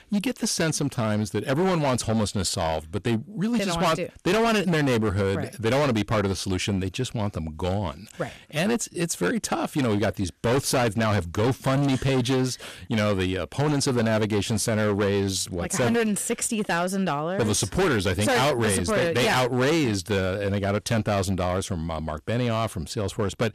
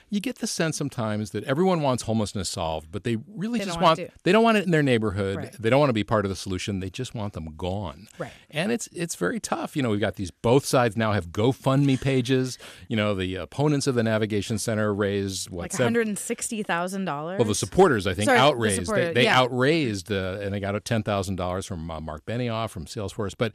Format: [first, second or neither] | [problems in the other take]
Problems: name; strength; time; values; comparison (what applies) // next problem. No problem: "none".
second | distortion; heavy; 16% of the sound clipped